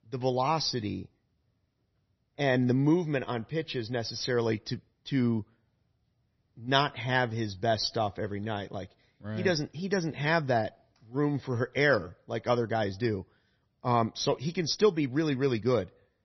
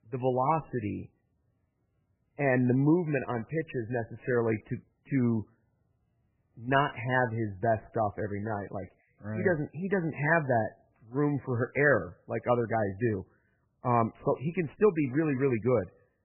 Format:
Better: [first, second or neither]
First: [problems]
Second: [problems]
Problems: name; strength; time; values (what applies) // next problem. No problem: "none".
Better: first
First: garbled, watery; slightly; nothing above 6 kHz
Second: garbled, watery; badly; nothing above 3 kHz